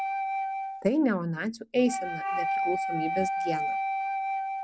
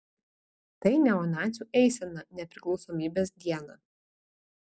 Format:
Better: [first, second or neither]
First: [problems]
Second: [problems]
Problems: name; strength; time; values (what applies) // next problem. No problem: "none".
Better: second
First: background sound (Wind instrument, woodwind instrument); as loud as the speech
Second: none